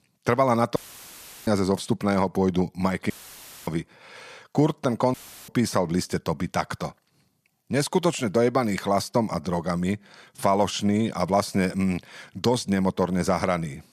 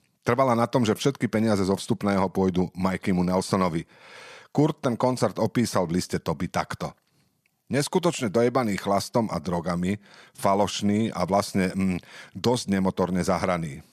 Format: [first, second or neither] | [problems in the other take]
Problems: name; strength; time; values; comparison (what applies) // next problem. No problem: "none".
second | audio cutting out; filled with static; at 1 s for 0.5 s, at 3 s for 0.5 s and at 5 s